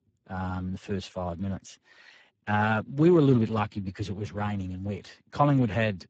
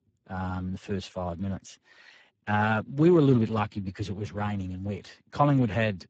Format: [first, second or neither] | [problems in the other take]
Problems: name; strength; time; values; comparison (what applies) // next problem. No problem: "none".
neither | garbled, watery; badly; nothing above 7.5 kHz; the same in both